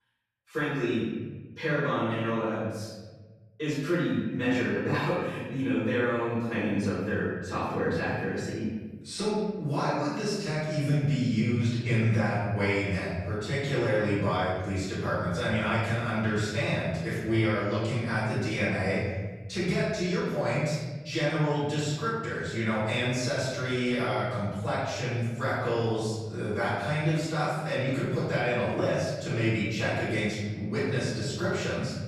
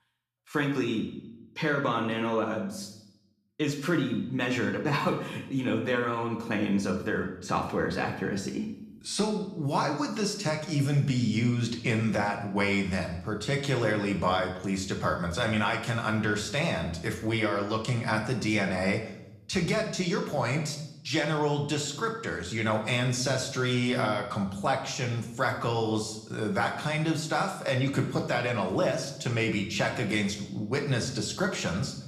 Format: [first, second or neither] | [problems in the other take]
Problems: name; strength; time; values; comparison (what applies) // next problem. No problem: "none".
second | room echo; strong; dies away in 1.5 s; slight in the second // off-mic speech; far; somewhat distant in the second